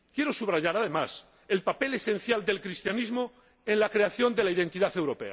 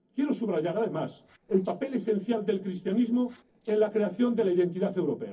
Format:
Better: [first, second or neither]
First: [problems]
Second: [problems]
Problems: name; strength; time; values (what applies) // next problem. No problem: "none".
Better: first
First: none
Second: noise reduction (neural separator model SepFormer DNS4)